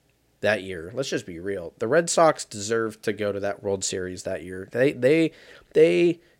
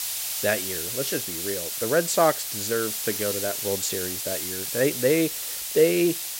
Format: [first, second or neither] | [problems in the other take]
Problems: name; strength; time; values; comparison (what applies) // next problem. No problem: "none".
first | hiss; loud; throughout; 2 dB below the speech